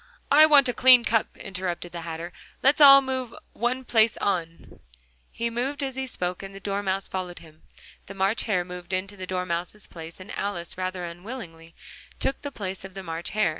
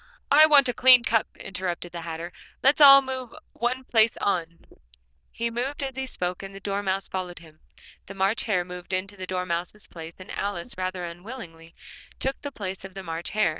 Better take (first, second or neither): first